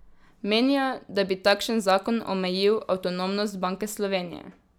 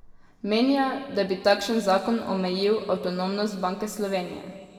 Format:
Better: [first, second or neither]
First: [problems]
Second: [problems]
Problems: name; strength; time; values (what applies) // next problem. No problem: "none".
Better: first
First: none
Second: room echo; dies away in 1.7 s